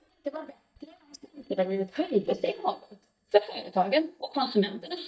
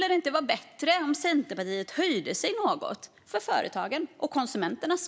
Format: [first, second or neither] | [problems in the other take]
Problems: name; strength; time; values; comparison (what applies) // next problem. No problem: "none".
second | noise reduction (neural mask model DeepFilterNet 3)